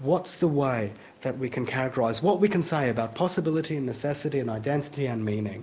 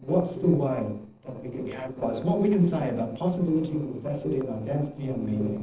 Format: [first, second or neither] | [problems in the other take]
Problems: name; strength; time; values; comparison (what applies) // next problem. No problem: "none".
first | noise reduction (neural separator model SepFormer DNS4)